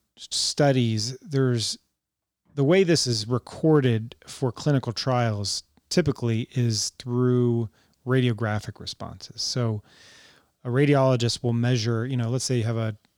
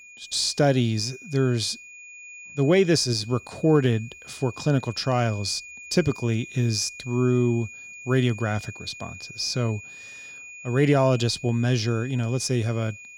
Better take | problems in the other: first | high-pitched whine; noticeable; throughout; 2.5 kHz, 15 dB below the speech

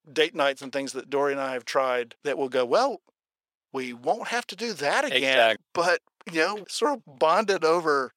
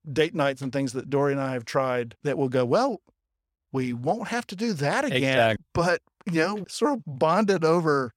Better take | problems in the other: second | thin; somewhat; fading below 400 Hz

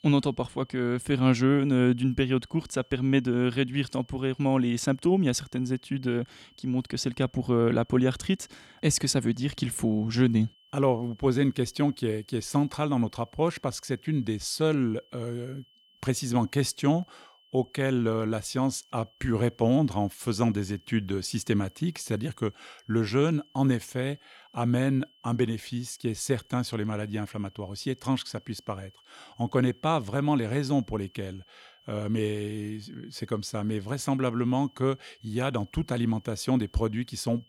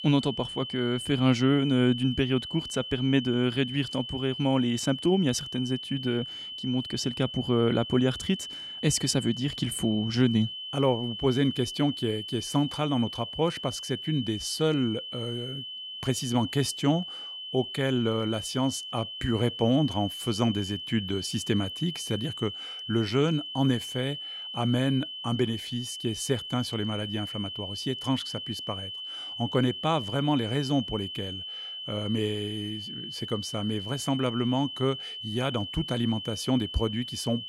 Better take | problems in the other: first | high-pitched whine; loud; throughout; 3 kHz, 7 dB below the speech; faint in the first

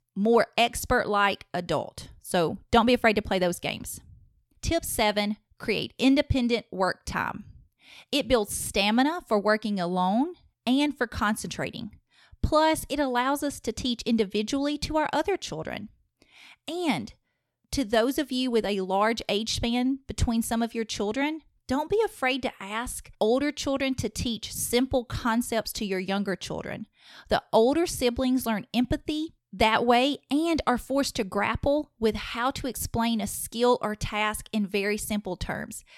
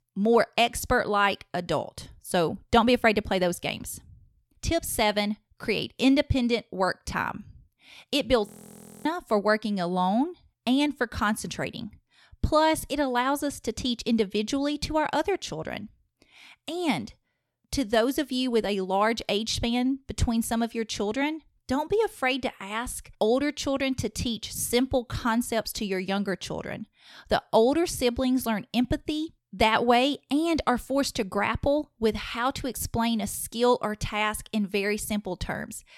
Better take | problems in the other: first | audio freezing; at 8.5 s for 0.5 s

